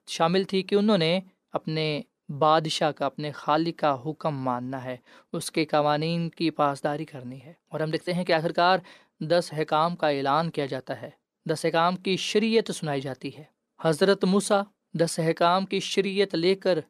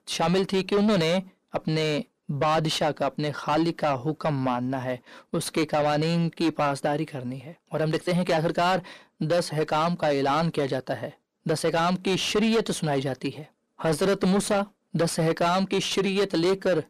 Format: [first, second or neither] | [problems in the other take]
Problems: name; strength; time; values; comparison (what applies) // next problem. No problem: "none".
first | distortion; heavy; 7 dB below the speech